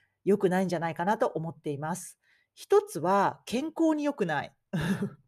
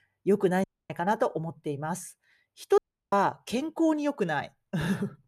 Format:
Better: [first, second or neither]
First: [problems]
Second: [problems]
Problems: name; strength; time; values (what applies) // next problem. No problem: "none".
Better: first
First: none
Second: audio cutting out; at 0.5 s and at 3 s